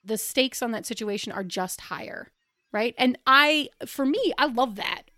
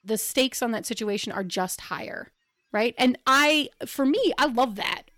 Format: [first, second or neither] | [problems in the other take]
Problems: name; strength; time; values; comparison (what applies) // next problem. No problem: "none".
first | distortion; slight; 2% of the sound clipped